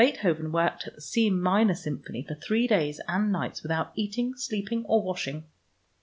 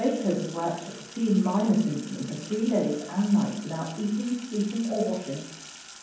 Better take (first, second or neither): first